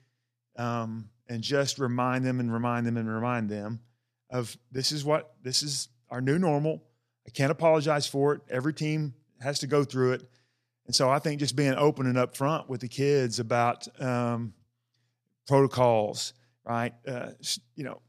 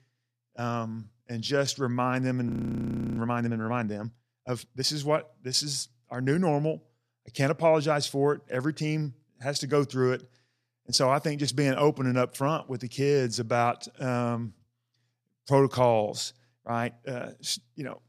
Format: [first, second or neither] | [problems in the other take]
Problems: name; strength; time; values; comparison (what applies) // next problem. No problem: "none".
first | audio freezing; at 2.5 s for 0.5 s